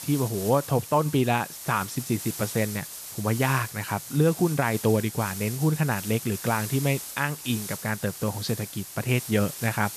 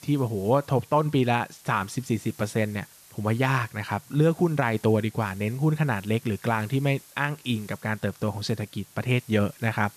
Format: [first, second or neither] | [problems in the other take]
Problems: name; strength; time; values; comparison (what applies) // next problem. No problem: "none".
second | hiss; loud; throughout; 9 dB below the speech; faint in the second